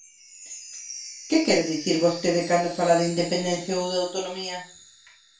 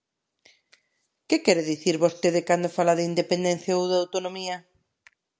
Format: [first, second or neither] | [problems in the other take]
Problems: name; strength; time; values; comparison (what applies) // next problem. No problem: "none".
second | background sound (Chime); 16 dB below the speech // room echo; dies away in 0.3 s